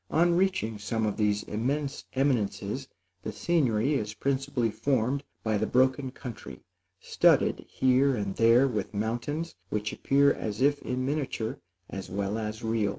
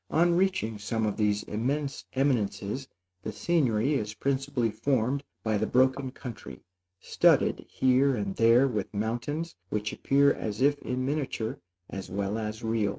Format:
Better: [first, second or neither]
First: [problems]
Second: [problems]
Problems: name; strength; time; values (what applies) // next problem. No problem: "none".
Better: first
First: none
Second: noise reduction (neural mask model RNNoise)